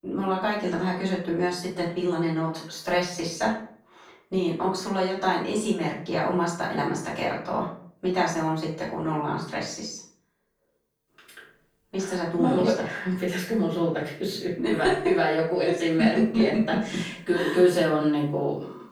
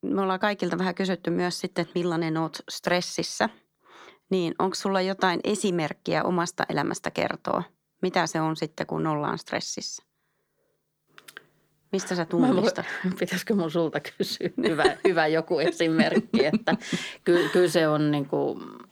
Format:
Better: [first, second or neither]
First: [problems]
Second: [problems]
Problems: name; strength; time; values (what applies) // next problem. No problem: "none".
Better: second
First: off-mic speech; far // room echo; noticeable; dies away in 0.4 s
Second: none